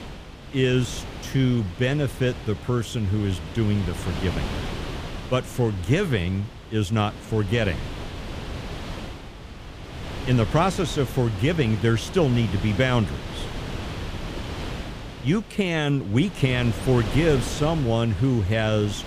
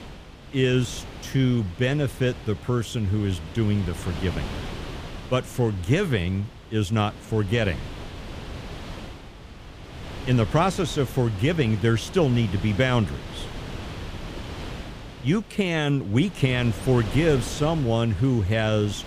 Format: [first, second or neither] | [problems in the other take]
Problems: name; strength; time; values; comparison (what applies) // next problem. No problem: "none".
second | wind noise on the microphone; heavy; 10 dB below the speech; occasional gusts in the second